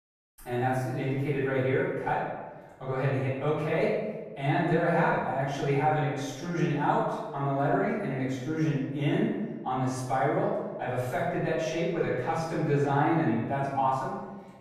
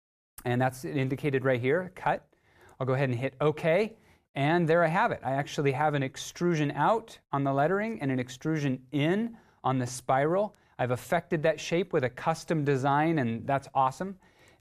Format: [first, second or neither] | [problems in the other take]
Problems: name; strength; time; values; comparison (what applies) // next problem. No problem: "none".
second | off-mic speech; far // room echo; strong; dies away in 1.1 s